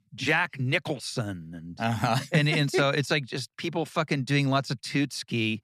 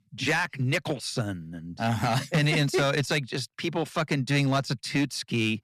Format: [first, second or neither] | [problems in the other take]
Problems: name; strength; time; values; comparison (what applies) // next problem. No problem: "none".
first | distortion; slight; 6% of the sound clipped